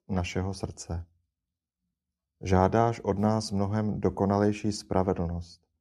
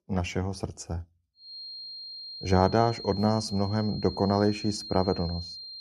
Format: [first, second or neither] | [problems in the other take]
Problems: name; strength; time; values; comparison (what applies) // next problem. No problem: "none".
first | high-pitched whine; noticeable; from 1.5 s on; 4 kHz, 10 dB below the speech